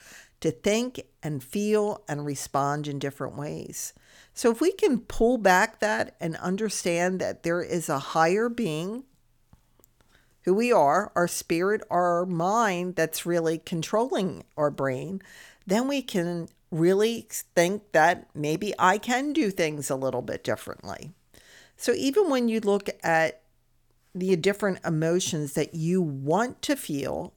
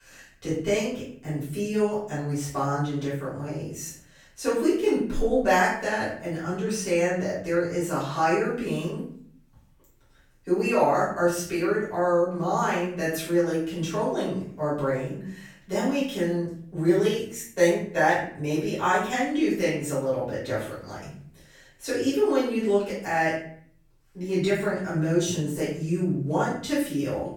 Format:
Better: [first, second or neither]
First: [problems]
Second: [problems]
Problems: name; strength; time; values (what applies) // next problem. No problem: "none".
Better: first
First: none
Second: off-mic speech; far // room echo; noticeable; dies away in 0.5 s